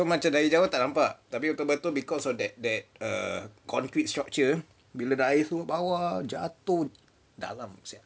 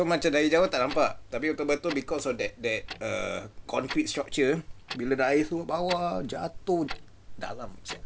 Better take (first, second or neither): first